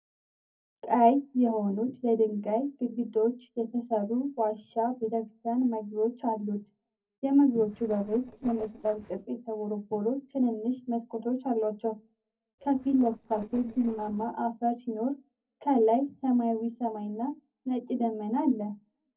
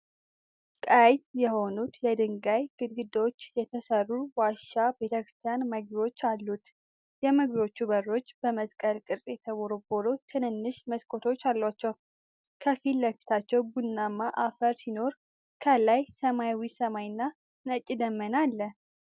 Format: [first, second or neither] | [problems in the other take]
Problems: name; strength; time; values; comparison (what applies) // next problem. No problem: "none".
second | noise reduction (neural separator model SepFormer DNS4)